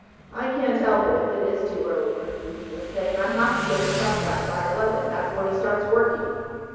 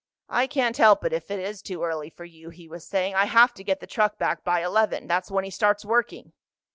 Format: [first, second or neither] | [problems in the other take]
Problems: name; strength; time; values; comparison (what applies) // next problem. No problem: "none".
second | background sound (Motorcycle); 12 dB below the speech // room echo; dies away in 2.2 s